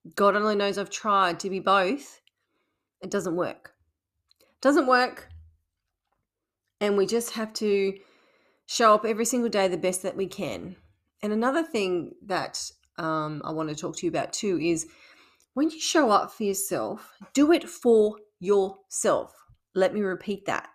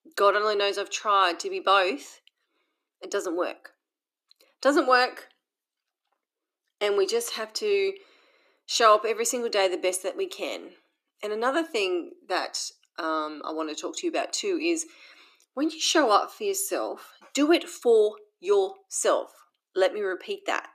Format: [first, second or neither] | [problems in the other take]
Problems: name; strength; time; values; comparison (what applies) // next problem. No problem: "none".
first | thin; somewhat; fading below 300 Hz